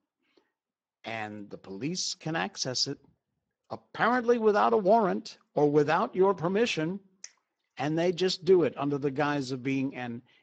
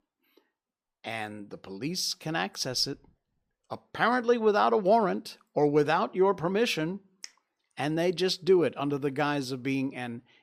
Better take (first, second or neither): second